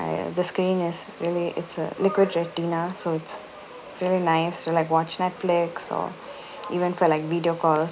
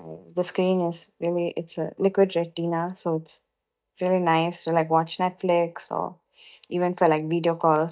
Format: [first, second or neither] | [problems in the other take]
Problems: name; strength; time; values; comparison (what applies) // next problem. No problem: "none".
first | noise reduction (neural mask model DeepFilterNet 3)